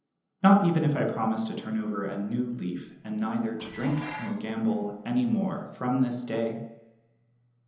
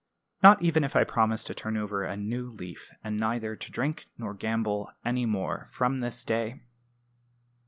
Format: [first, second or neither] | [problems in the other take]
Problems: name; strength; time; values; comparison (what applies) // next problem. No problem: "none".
second | background sound (Dishes, pots, and pans); 17 dB below the speech // room echo; dies away in 0.9 s